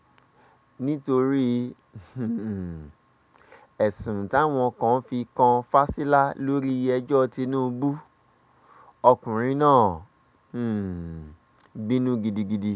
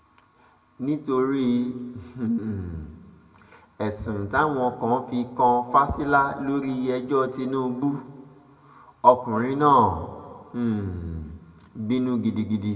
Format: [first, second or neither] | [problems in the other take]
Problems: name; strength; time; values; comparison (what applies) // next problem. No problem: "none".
first | room echo; dies away in 1.1 s